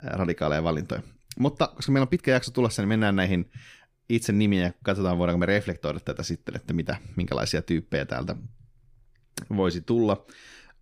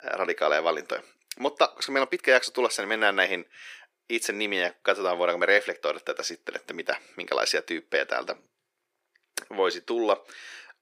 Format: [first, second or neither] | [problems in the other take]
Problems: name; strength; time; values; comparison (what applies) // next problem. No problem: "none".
first | thin; very; fading below 400 Hz